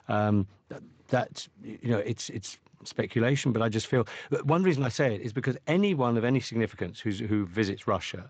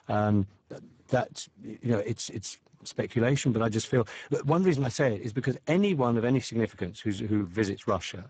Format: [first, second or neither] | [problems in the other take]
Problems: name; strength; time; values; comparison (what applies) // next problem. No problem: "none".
first | garbled, watery; badly; nothing above 7.5 kHz; slightly in the first